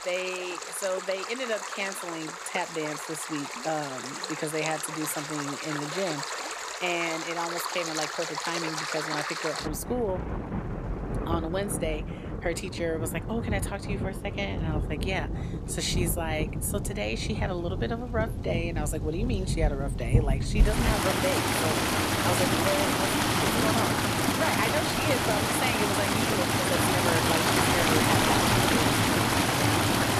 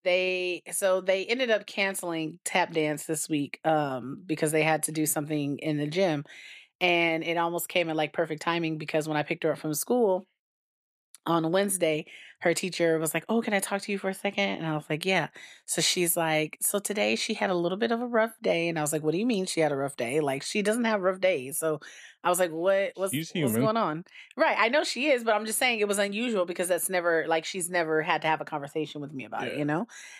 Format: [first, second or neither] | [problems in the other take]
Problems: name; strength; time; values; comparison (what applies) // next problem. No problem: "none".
second | rain or running water; very loud; throughout; 4 dB above the speech